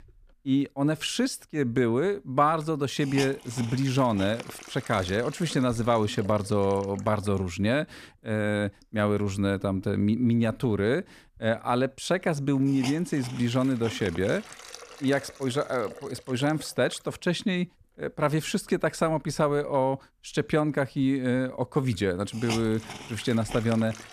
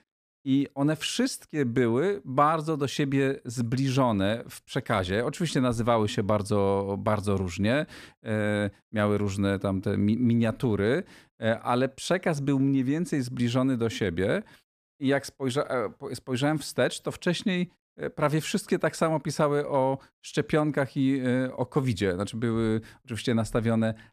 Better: second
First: hiss; noticeable; throughout; 15 dB below the speech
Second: none

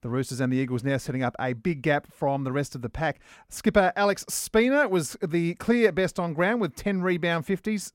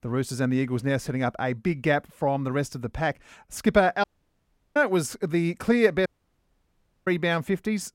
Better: first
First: none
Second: audio cutting out; at 4 s for 0.5 s and at 6 s for 1 s

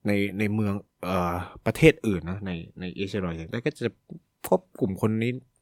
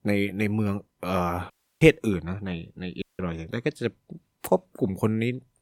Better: first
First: none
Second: audio cutting out; at 1.5 s and at 3 s

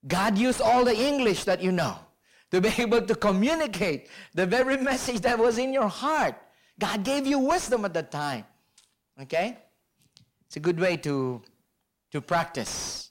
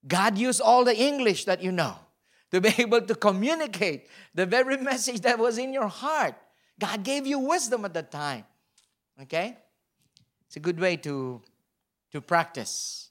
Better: second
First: distortion; heavy; 7 dB below the speech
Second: none

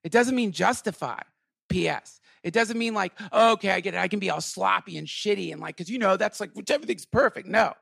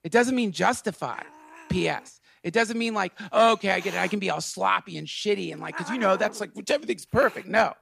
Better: first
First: none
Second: hiss; noticeable; throughout; 15 dB below the speech

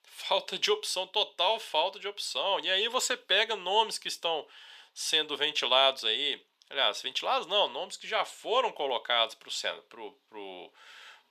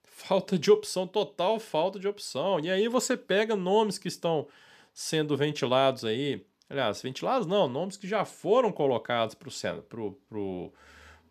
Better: second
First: thin; very; fading below 700 Hz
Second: none

